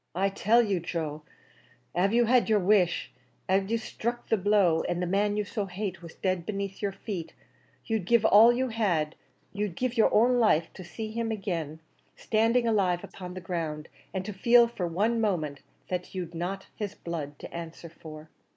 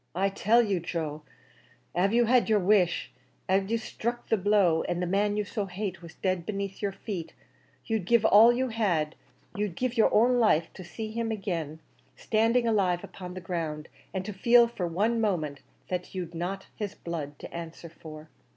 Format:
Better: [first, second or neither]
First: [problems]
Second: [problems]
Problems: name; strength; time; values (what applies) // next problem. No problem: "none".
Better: second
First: noise reduction (neural mask model Resemble Enhance denoiser)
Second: none